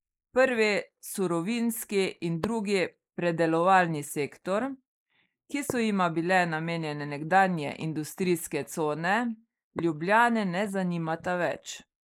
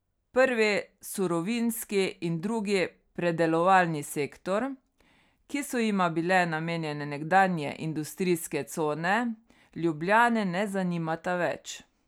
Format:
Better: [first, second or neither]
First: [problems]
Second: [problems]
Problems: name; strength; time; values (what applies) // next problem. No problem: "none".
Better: second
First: noise reduction (neural mask model Resemble Enhance denoiser)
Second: none